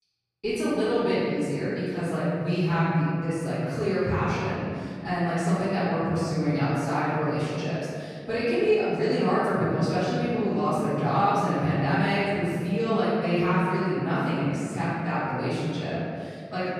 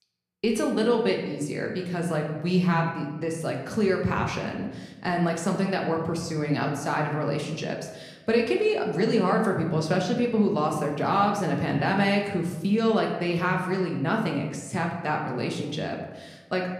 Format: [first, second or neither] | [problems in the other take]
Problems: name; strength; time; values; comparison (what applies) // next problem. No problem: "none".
second | room echo; strong; dies away in 2.4 s; slight in the second // off-mic speech; far; somewhat distant in the second